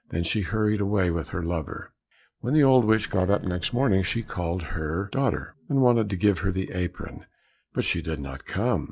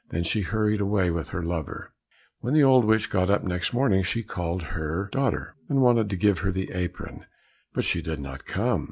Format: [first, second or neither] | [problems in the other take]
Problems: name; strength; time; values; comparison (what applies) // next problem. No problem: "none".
second | noise reduction (neural separator model SepFormer DNS4)